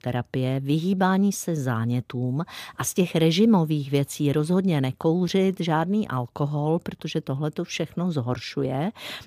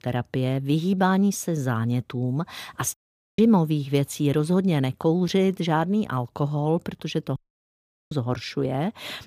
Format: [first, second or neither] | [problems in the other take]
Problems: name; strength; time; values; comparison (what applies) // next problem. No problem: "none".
first | audio cutting out; at 3 s and at 7.5 s for 0.5 s